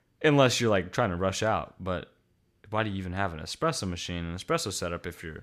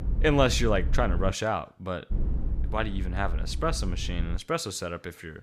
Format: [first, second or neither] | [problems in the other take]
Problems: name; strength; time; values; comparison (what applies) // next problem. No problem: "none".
first | low rumble; noticeable; until 1.5 s and from 2 to 4.5 s; 20 dB below the speech